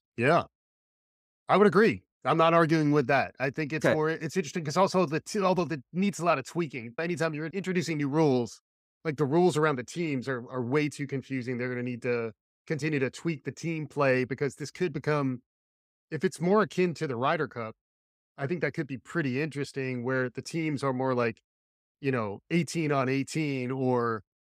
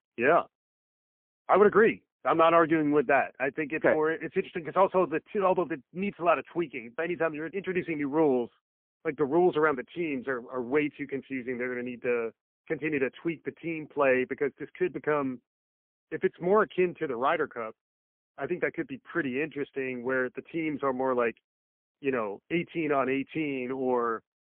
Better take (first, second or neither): first